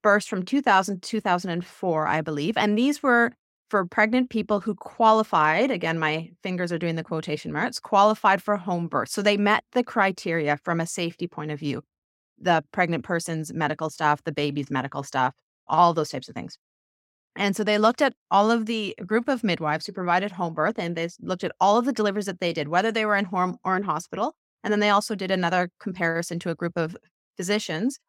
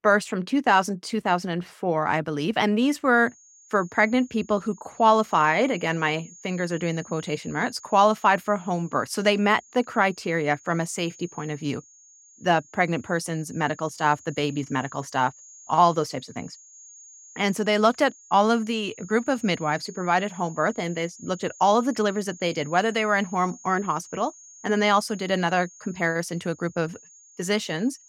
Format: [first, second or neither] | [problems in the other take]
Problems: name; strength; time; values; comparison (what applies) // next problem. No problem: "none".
first | high-pitched whine; faint; from 3 s on; 6.5 kHz, 20 dB below the speech